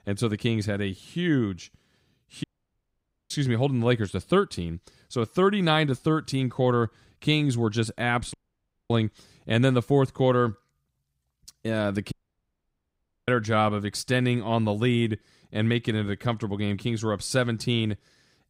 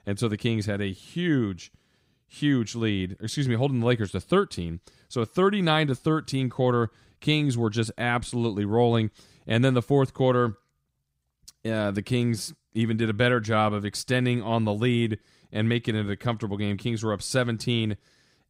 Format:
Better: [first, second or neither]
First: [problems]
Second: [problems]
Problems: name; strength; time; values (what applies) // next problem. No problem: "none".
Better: second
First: audio cutting out; at 2.5 s for 1 s, at 8.5 s for 0.5 s and at 12 s for 1 s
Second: none